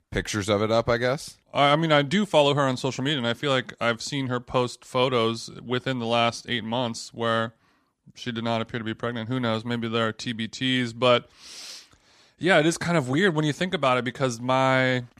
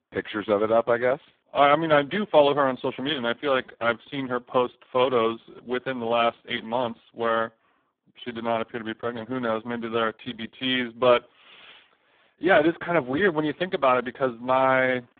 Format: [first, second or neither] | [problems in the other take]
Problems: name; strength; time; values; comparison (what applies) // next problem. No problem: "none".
first | phone-call audio; poor line